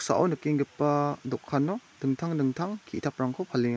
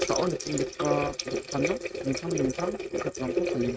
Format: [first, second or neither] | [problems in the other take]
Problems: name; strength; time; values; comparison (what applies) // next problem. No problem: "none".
first | noise reduction (neural mask model RNNoise)